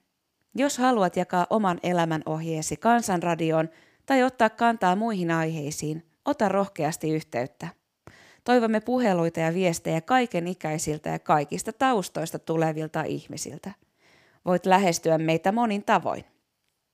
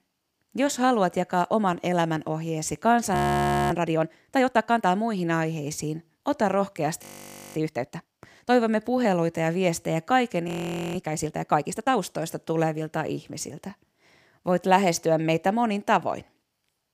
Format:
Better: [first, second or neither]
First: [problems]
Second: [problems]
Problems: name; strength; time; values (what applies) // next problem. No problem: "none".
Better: first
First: none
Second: audio freezing; at 3 s for 0.5 s, at 7 s for 0.5 s and at 10 s